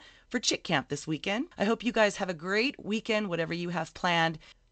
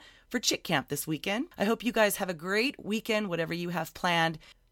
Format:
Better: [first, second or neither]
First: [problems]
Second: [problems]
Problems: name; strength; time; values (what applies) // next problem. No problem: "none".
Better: second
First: garbled, watery; slightly; nothing above 7.5 kHz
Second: none